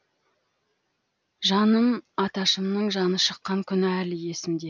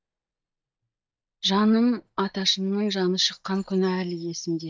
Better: first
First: none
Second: noise reduction (neural mask model DeepFilterNet 3)

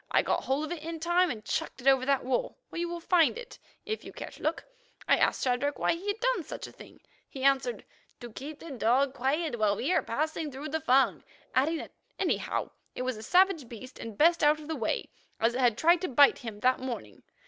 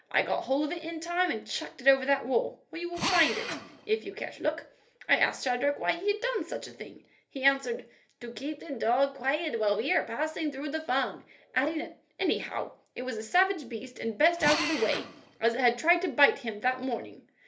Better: first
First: none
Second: background sound (Drill); 7 dB below the speech // room echo; dies away in 0.3 s

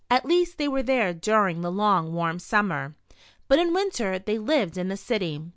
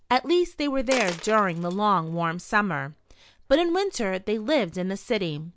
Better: first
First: none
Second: background sound (Coin (dropping)); 18 dB below the speech

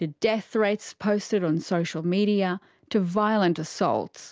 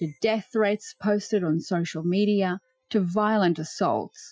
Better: first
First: none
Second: noise reduction (classical method Wiener filter)

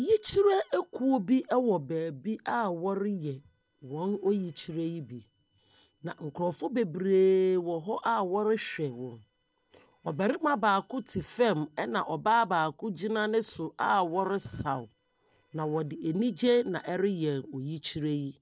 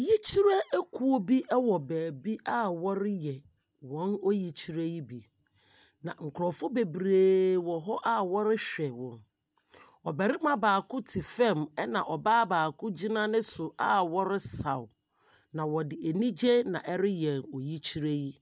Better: second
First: noise reduction (neural separator model SepFormer DNS4)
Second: none

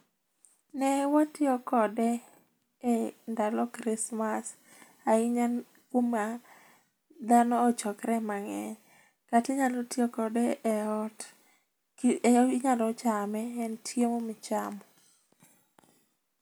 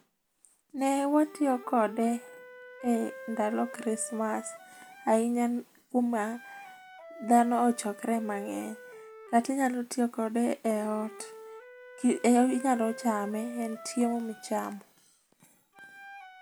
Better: first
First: none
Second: background sound (Wind instrument, woodwind instrument); 18 dB below the speech

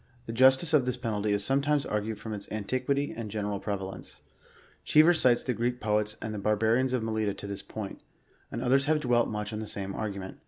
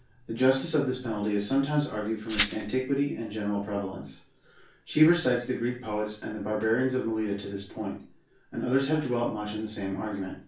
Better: first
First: none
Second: background sound (Glass); 5 dB below the speech // room echo; dies away in 0.3 s

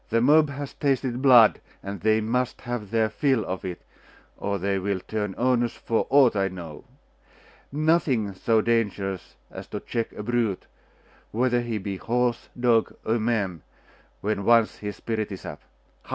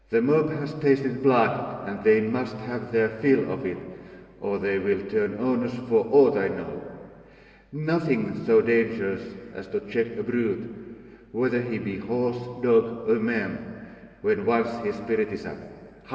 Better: first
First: none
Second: room echo; dies away in 2.9 s

